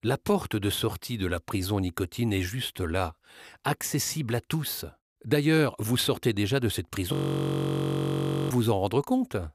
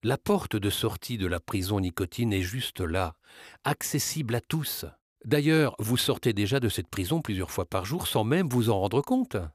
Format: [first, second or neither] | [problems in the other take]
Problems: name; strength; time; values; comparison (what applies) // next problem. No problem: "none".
second | audio freezing; at 7 s for 1.5 s